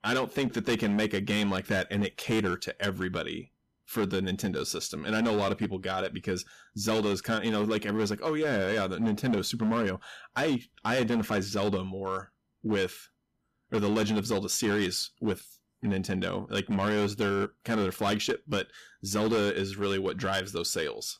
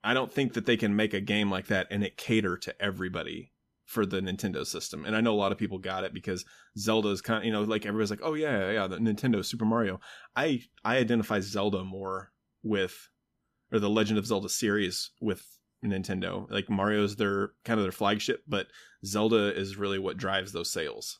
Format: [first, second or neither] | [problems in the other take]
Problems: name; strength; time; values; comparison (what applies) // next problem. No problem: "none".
second | distortion; slight; 10% of the sound clipped